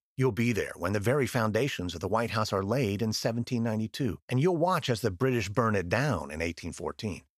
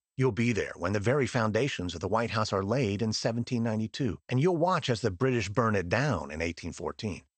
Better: first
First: none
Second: garbled, watery; slightly; nothing above 8.5 kHz

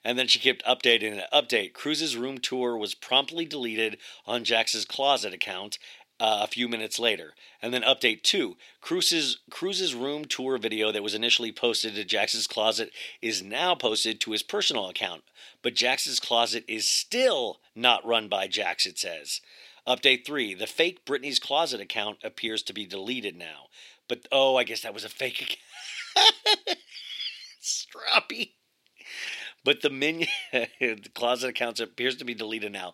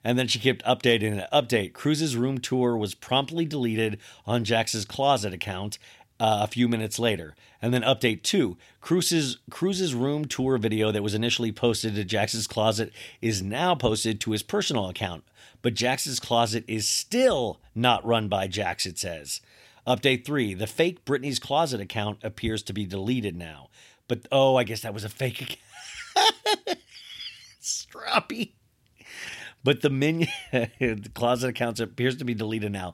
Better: second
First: thin; somewhat; fading below 400 Hz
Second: none

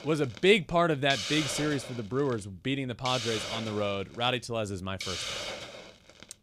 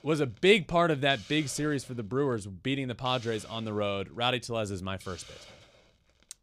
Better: second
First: hiss; loud; throughout; 6 dB below the speech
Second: hiss; faint; throughout; 20 dB below the speech

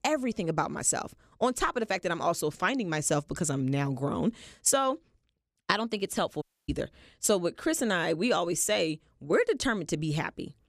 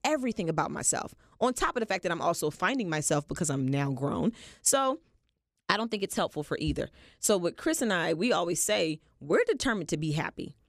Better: second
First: audio cutting out; at 6.5 s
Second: none

